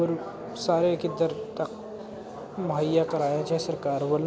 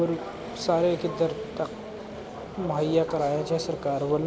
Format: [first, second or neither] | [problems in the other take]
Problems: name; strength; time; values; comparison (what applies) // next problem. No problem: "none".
first | background sound (Waves, surf); 18 dB below the speech